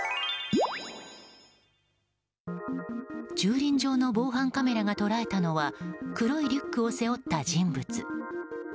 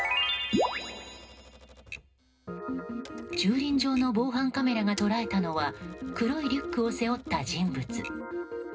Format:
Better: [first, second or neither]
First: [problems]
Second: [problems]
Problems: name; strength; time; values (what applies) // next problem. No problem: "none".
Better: first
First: none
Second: background sound (Typewriter); 20 dB below the speech // room echo; dies away in 0.2 s